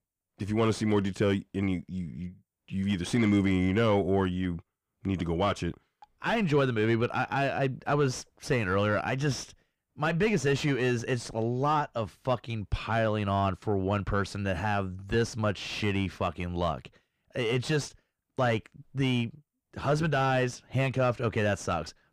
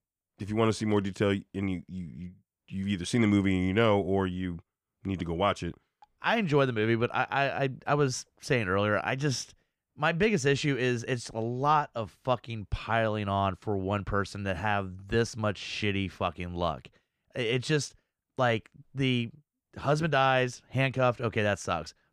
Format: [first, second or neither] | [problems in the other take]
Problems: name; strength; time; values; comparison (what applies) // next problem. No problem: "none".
second | distortion; slight; 10 dB below the speech